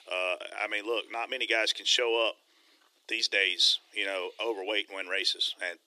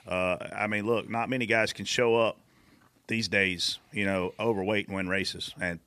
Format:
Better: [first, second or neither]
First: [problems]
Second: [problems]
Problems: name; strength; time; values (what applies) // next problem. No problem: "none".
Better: second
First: thin; very; fading below 300 Hz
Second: none